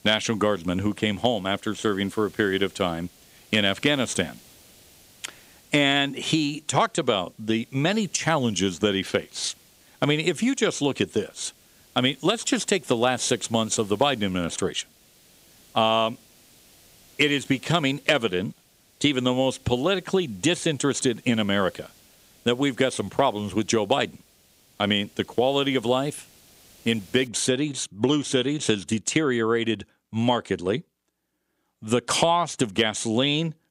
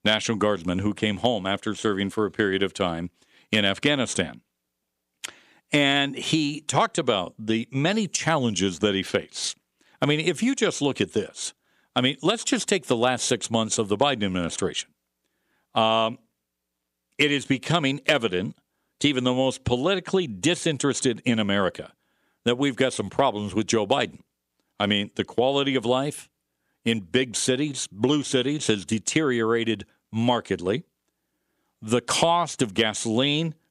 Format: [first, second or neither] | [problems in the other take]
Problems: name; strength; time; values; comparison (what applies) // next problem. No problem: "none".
second | hiss; faint; until 27 s; 30 dB below the speech